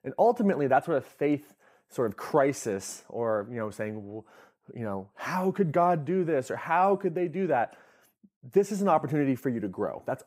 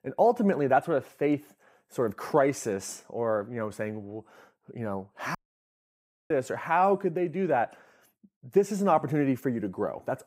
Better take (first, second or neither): first